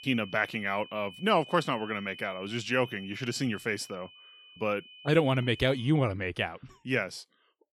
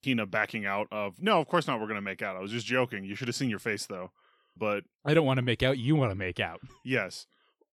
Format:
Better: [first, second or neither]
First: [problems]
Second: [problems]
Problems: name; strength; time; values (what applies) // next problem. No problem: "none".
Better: second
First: high-pitched whine; noticeable; until 6 s; 3 kHz, 15 dB below the speech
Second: none